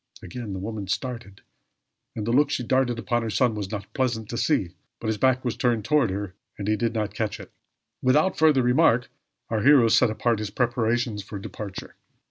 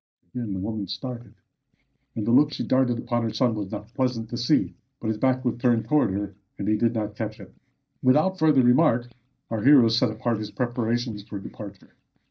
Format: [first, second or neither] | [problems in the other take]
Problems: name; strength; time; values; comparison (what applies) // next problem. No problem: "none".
first | noise reduction (neural mask model DeepFilterNet 3)